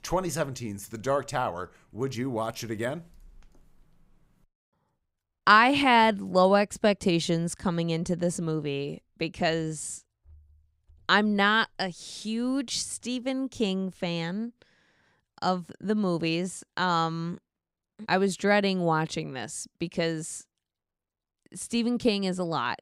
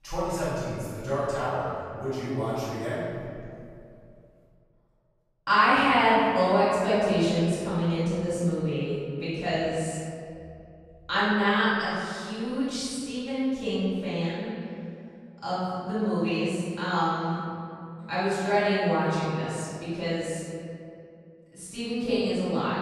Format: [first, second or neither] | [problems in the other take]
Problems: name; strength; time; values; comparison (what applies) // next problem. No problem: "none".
first | room echo; strong; dies away in 2.3 s // off-mic speech; far